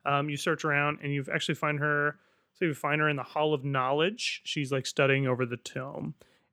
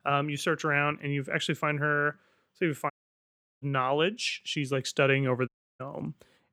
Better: first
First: none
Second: audio cutting out; at 3 s for 0.5 s and at 5.5 s

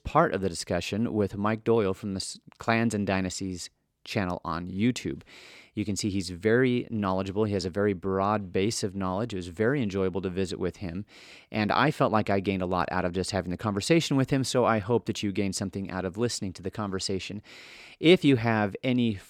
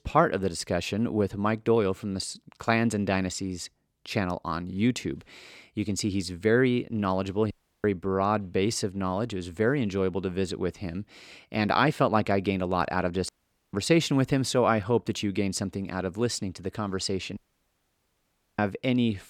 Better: first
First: none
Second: audio cutting out; at 7.5 s, at 13 s and at 17 s for 1 s

